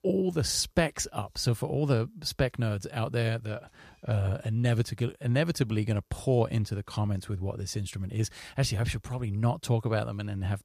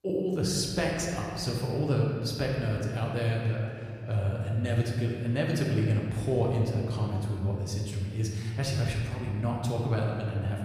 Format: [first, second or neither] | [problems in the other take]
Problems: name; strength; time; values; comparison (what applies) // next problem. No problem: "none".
first | room echo; noticeable; dies away in 2.2 s // off-mic speech; somewhat distant